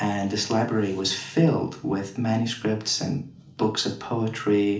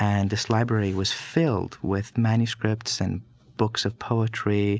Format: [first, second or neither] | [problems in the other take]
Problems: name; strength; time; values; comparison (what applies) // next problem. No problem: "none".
second | room echo; dies away in 0.4 s